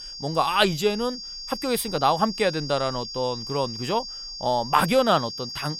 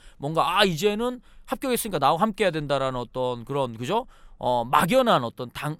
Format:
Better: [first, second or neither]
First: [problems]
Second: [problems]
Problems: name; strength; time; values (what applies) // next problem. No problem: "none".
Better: second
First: high-pitched whine; loud; throughout; 5 kHz, 9 dB below the speech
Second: none